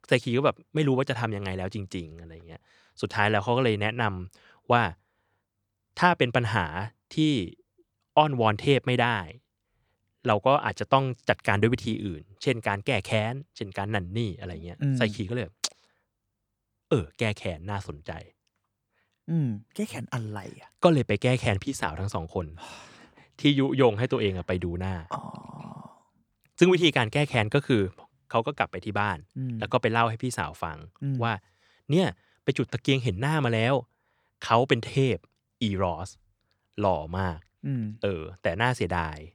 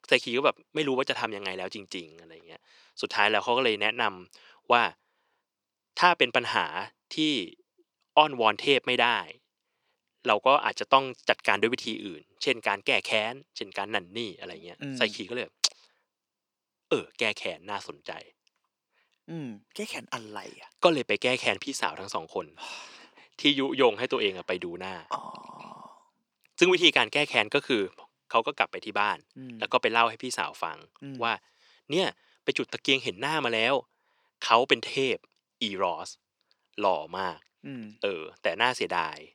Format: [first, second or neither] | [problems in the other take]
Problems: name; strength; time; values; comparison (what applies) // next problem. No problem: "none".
first | thin; somewhat; fading below 350 Hz